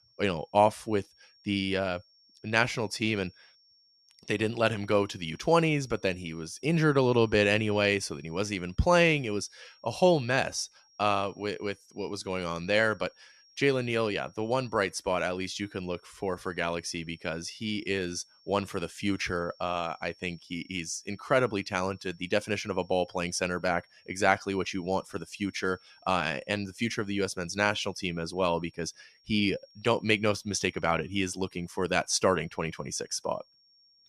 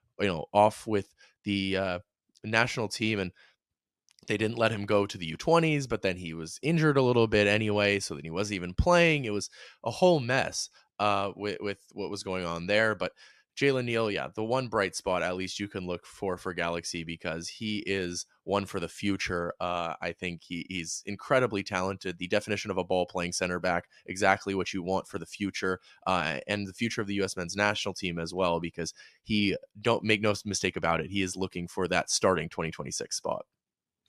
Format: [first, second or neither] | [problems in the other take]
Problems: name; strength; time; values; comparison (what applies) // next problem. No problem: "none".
second | high-pitched whine; faint; throughout; 5.5 kHz, 30 dB below the speech